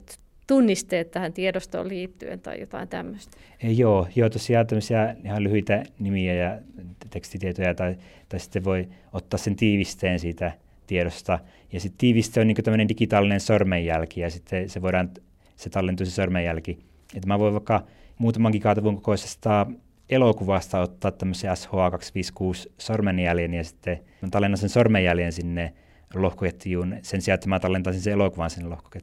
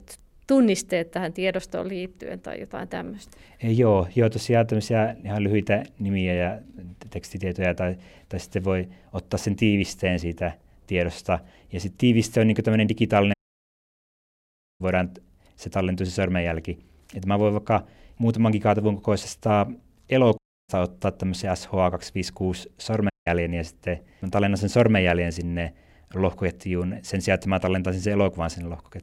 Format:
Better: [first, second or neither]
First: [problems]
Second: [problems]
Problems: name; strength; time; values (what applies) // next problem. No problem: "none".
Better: first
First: none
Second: audio cutting out; at 13 s for 1.5 s, at 20 s and at 23 s